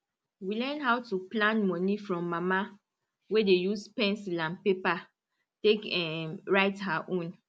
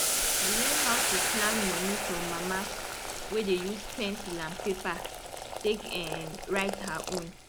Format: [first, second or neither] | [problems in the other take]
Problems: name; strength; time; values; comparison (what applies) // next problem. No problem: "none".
first | background sound (Boiling); 2 dB above the speech